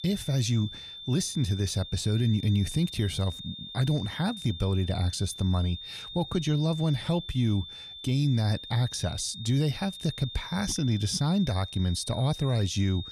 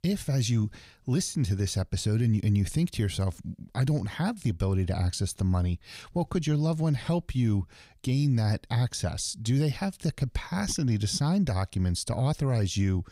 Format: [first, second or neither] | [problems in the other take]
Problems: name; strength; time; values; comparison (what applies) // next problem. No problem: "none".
second | high-pitched whine; noticeable; throughout; 3.5 kHz, 10 dB below the speech